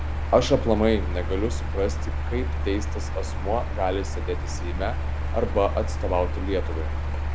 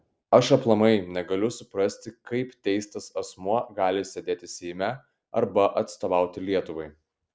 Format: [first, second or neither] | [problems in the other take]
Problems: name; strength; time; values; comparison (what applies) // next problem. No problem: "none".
second | background sound (Mechanical fan); as loud as the speech